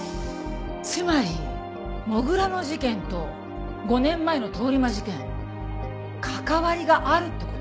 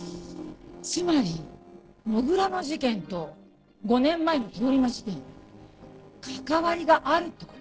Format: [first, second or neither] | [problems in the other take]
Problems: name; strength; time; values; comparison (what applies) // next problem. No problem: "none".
first | noise reduction (neural separator model SepFormer DNS4)